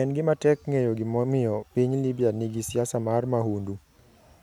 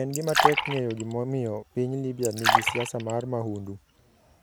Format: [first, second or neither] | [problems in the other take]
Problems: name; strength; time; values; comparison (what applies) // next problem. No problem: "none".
first | background sound (Fill (with liquid)); 1 dB above the speech